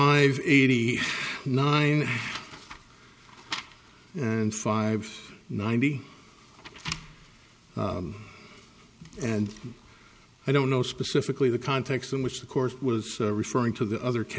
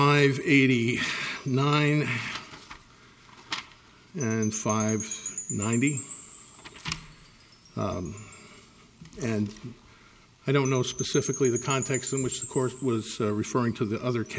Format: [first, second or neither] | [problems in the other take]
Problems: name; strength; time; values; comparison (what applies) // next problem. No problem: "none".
first | background sound (Wind chime / Percussion); 13 dB below the speech